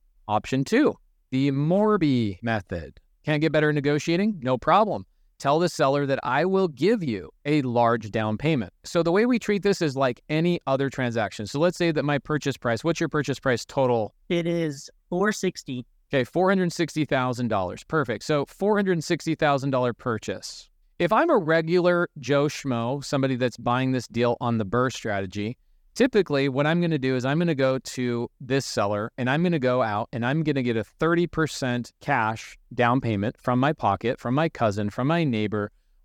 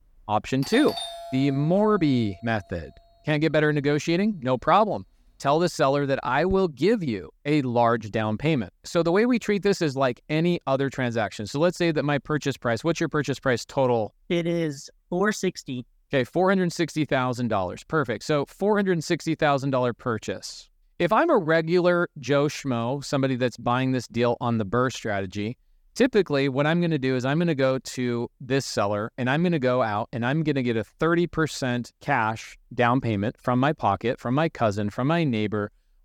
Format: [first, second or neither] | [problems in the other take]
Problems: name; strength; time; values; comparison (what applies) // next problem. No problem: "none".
first | doorbell; noticeable; from 0.5 to 6.5 s; peak 6 dB below the speech